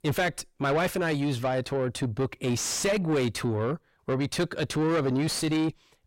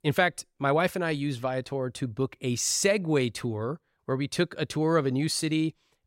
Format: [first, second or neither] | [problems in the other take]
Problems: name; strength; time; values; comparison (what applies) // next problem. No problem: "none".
second | distortion; heavy; 6 dB below the speech